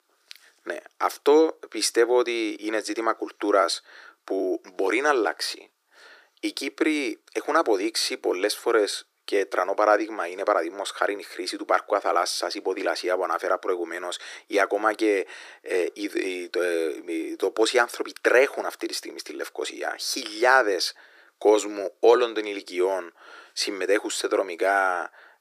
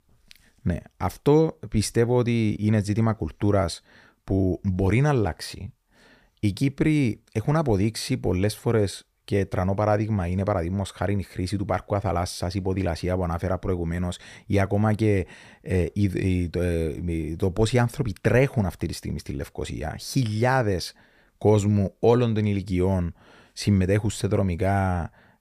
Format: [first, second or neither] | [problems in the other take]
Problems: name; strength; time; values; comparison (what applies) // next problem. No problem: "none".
second | thin; very; fading below 350 Hz